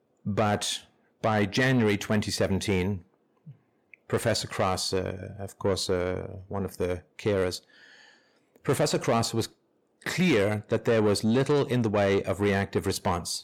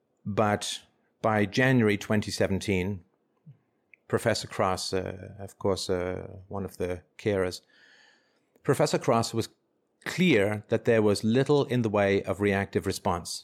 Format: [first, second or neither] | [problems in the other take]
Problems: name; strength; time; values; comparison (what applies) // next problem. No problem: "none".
second | distortion; slight; 10 dB below the speech